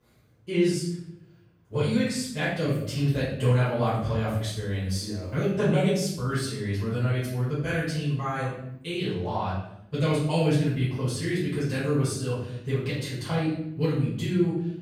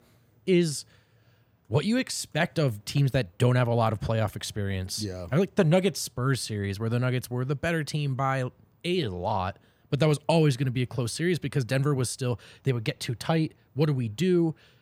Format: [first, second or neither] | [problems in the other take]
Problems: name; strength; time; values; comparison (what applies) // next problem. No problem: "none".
second | off-mic speech; far // room echo; noticeable; dies away in 0.7 s